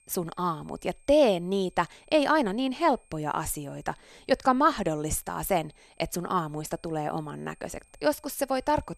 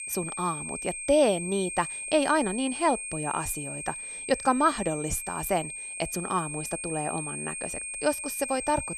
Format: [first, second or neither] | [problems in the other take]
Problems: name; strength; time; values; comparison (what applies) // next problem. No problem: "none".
first | high-pitched whine; loud; throughout; 8.5 kHz, 5 dB below the speech; faint in the first